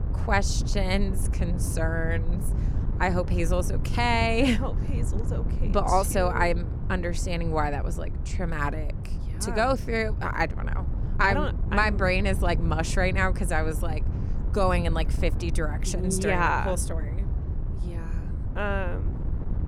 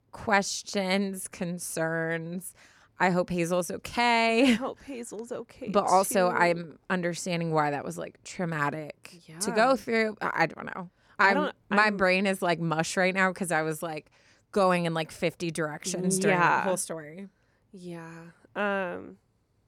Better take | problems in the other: second | wind noise on the microphone; occasional gusts; 15 dB below the speech

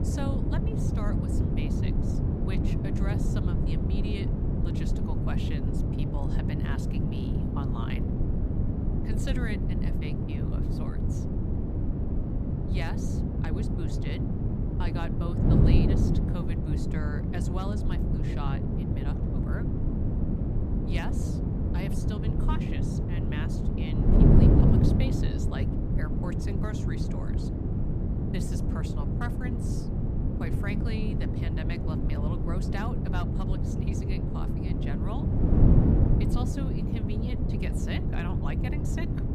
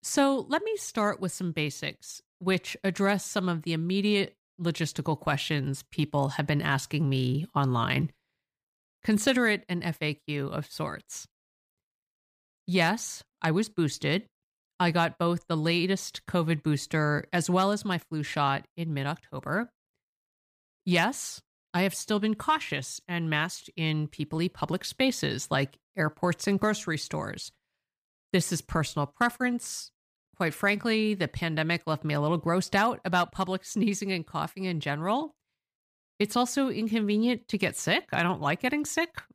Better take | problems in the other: second | wind noise on the microphone; heavy; 4 dB above the speech

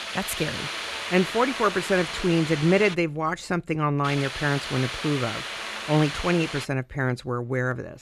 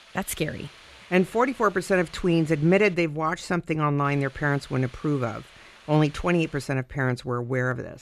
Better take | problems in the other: second | hiss; loud; until 3 s and from 4 to 6.5 s; 6 dB below the speech; faint in the second

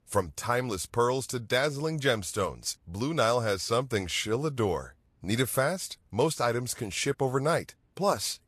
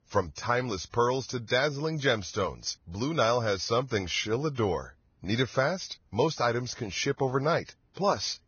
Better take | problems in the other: first | garbled, watery; badly; nothing above 6.5 kHz; slightly in the first

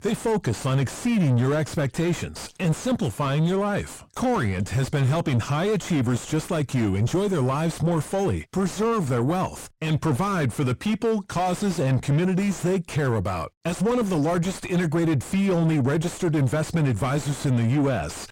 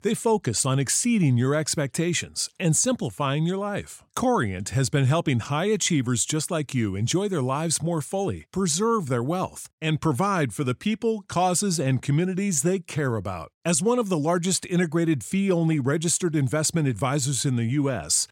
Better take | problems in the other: second | distortion; heavy; 5 dB below the speech

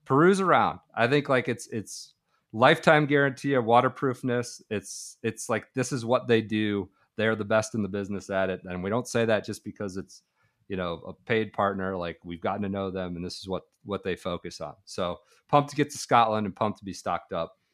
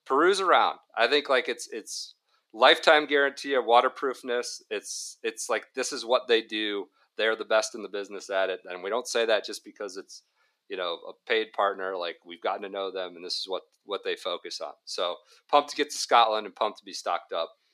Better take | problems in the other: first | thin; somewhat; fading below 350 Hz

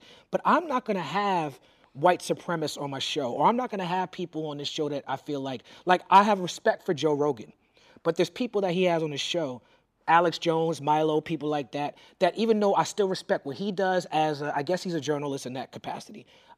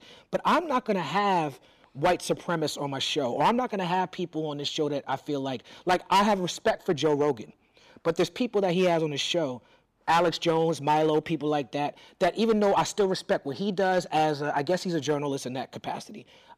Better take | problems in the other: first | distortion; slight; 4% of the sound clipped

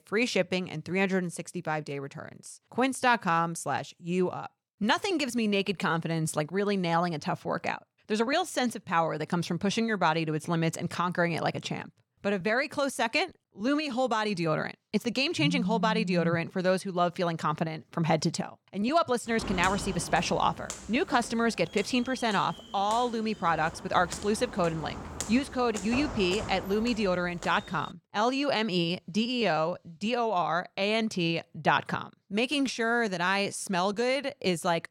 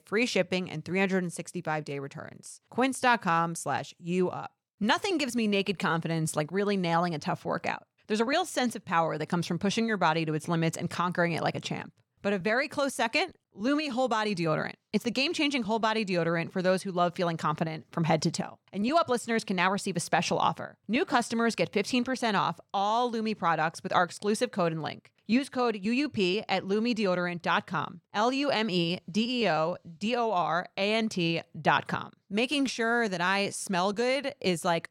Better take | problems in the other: second | phone ringing; noticeable; at 15 s; peak 3 dB below the speech // footsteps; noticeable; from 19 to 28 s; peak 7 dB below the speech

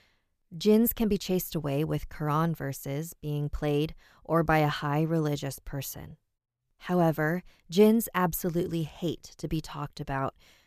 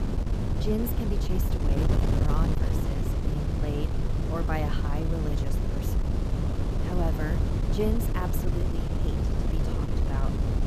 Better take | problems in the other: first | wind noise on the microphone; heavy; as loud as the speech

